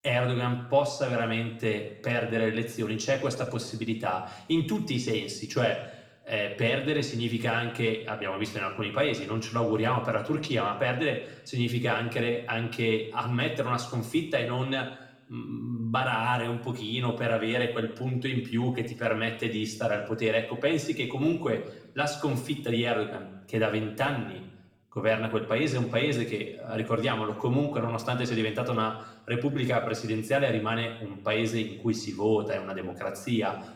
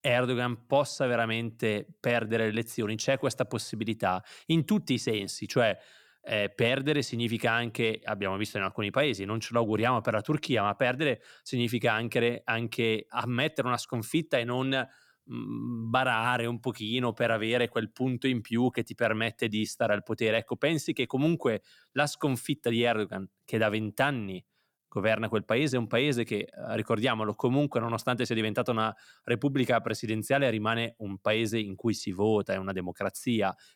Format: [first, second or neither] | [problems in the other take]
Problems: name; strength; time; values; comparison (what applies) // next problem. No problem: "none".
second | room echo; slight; dies away in 0.7 s // off-mic speech; somewhat distant